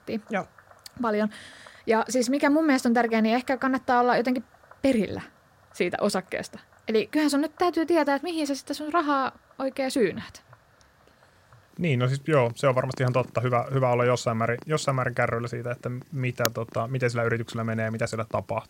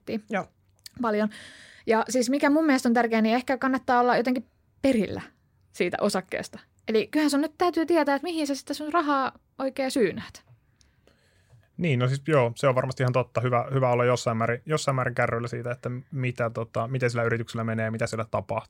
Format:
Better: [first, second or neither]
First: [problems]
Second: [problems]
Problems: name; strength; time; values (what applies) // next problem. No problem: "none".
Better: second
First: animal sounds; noticeable; throughout; 20 dB below the speech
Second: none